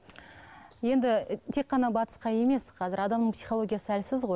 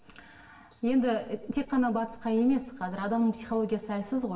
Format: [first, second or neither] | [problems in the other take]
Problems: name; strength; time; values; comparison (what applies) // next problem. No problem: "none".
first | room echo; dies away in 1.1 s